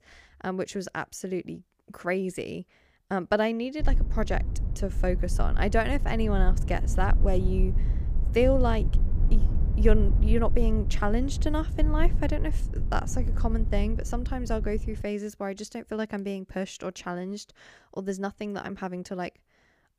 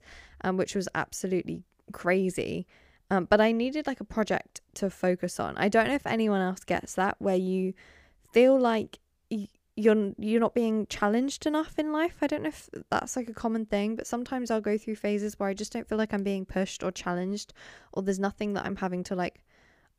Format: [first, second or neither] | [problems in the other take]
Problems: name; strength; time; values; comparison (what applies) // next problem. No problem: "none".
second | low rumble; noticeable; from 4 to 15 s; 15 dB below the speech